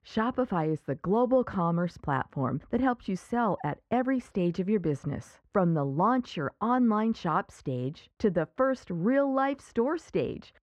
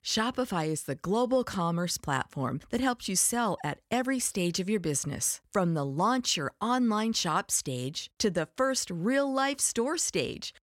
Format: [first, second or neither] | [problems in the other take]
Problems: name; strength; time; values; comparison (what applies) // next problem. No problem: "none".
second | muffled; very; fading above 4 kHz